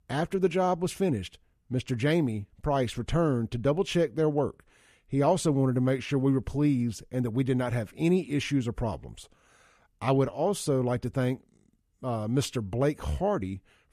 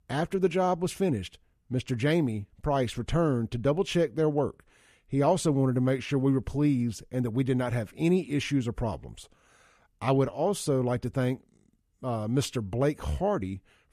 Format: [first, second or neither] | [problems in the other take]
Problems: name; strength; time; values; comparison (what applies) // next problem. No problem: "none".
neither | none